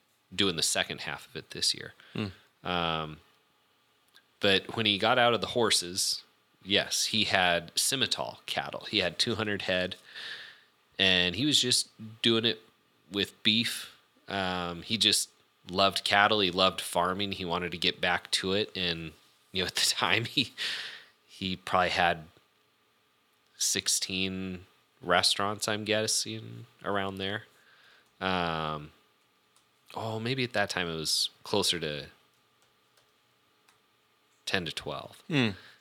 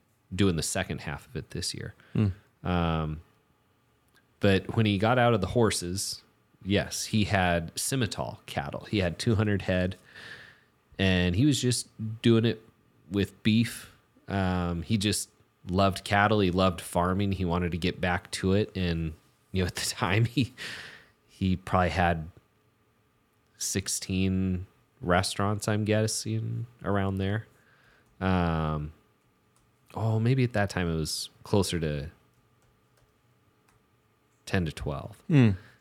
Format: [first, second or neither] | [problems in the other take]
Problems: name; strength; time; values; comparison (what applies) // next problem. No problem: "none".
second | thin; somewhat; fading below 1 kHz